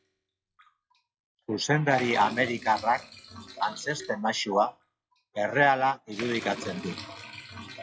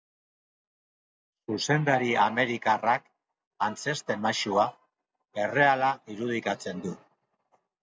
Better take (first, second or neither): second